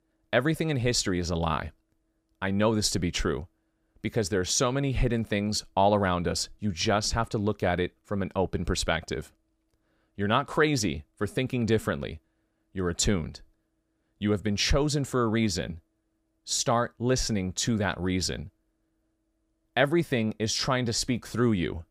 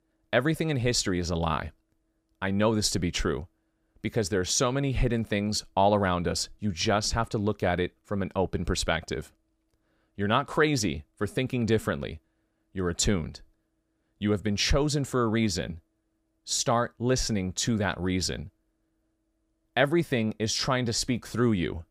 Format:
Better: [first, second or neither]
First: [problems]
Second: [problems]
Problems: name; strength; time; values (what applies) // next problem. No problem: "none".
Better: neither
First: none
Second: none